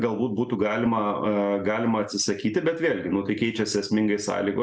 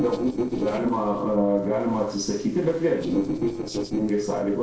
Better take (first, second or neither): first